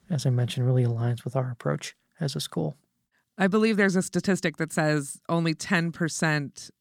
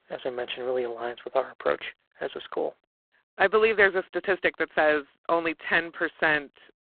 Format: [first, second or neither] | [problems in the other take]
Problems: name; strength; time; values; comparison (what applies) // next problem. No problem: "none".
first | phone-call audio; poor line; nothing above 4 kHz